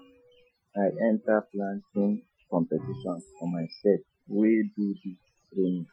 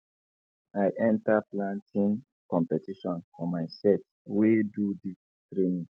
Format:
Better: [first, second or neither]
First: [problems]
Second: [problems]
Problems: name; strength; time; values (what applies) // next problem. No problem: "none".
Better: second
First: noise reduction (classical method Wiener filter)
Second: none